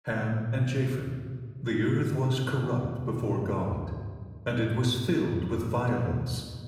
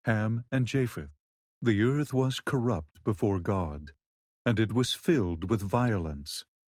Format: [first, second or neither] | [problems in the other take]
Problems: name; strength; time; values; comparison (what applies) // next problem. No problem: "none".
second | room echo; noticeable; dies away in 1.5 s // off-mic speech; somewhat distant